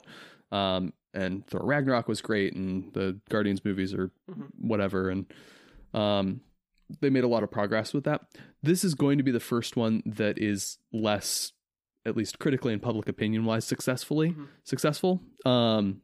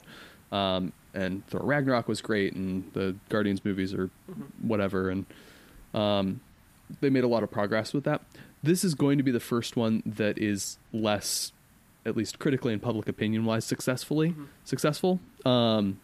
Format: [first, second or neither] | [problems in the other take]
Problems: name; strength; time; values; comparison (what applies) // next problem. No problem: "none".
first | hiss; faint; throughout; 30 dB below the speech